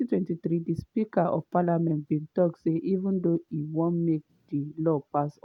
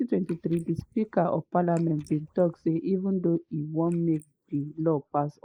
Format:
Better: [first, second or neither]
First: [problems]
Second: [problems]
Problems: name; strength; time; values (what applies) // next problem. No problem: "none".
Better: first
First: none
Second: noise reduction (neural mask model Resemble Enhance denoiser)